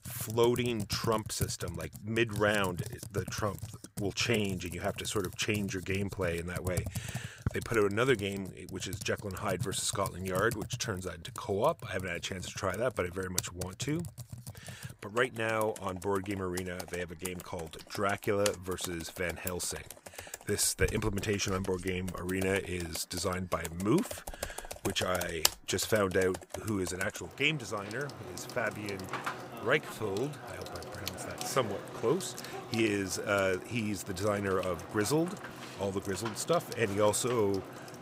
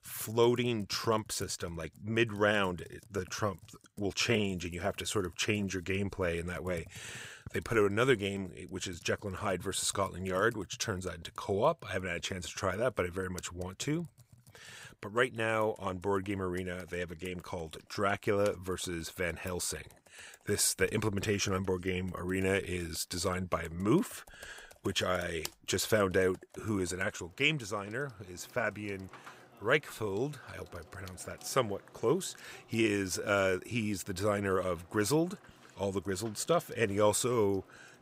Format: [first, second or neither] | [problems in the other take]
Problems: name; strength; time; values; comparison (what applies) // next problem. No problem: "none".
second | household noises; loud; throughout; 9 dB below the speech; faint in the second